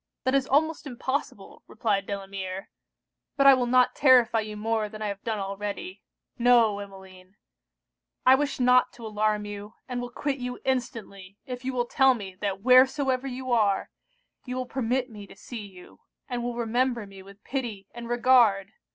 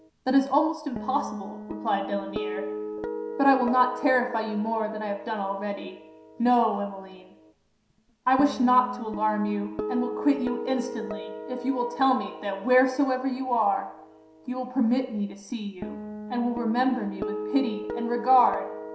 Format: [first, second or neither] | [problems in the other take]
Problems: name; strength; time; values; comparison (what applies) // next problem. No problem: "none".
first | background sound (Guitar); 10 dB below the speech // room echo; dies away in 0.7 s